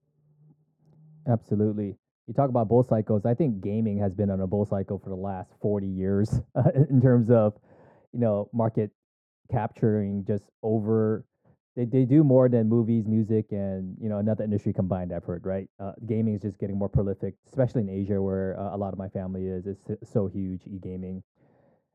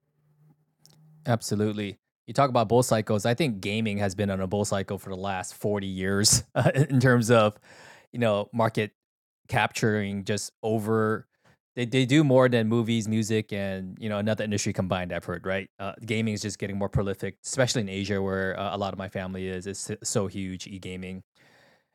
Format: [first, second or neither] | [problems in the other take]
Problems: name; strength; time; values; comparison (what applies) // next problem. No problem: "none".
second | muffled; very; fading above 1.5 kHz